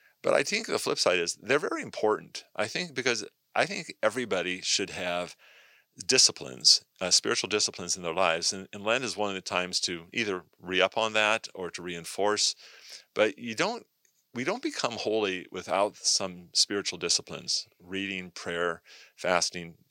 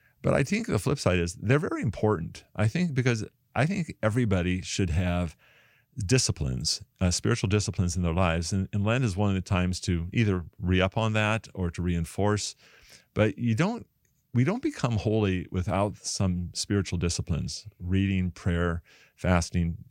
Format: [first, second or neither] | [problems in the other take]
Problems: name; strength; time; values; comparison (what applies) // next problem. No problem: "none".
second | thin; very; fading below 450 Hz